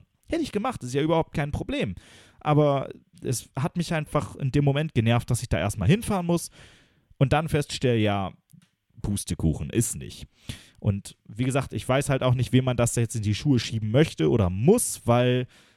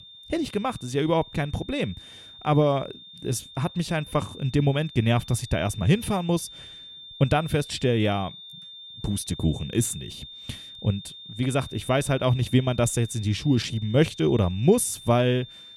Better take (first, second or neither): first